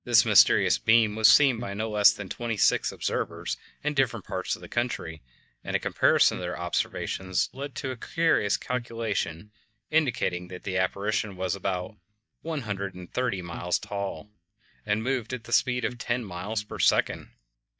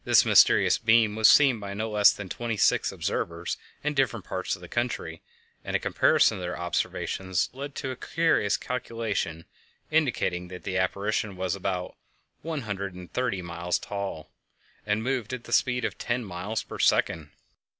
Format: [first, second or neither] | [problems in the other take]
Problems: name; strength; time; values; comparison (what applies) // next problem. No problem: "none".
second | noise reduction (neural mask model DeepFilterNet 3)